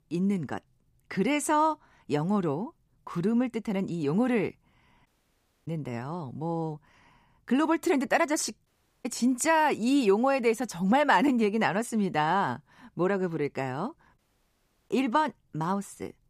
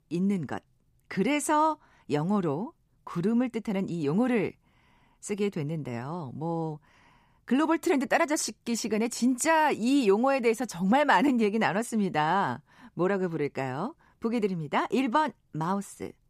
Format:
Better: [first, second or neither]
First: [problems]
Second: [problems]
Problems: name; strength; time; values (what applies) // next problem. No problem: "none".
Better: second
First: audio cutting out; at 5 s for 0.5 s, at 8.5 s and at 14 s for 0.5 s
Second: none